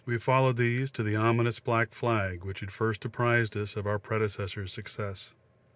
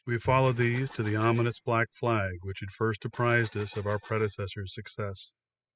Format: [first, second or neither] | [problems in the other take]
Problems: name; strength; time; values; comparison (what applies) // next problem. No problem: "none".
first | noise reduction (classical method spectral subtraction)